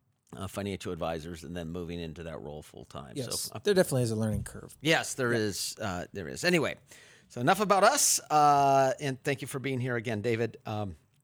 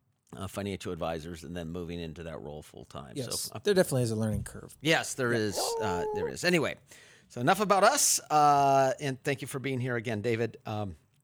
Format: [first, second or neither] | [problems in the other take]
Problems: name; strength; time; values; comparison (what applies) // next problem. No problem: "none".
first | dog barking; noticeable; at 5.5 s; peak 4 dB below the speech